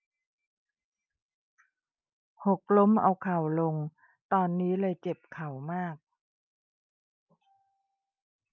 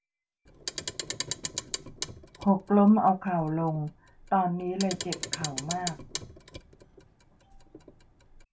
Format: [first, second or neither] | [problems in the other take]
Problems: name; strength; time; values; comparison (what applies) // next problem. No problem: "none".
first | background sound (Clock); 10 dB below the speech // room echo; dies away in 0.2 s